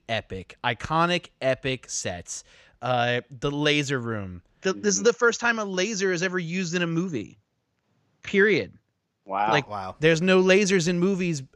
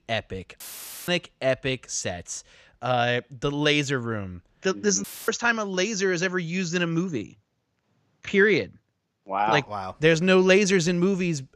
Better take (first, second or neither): first